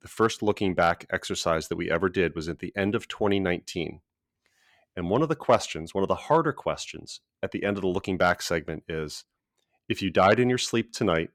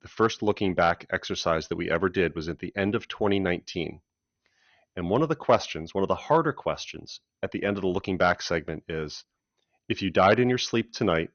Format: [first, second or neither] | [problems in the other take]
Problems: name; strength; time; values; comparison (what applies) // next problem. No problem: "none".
first | garbled, watery; slightly; nothing above 6.5 kHz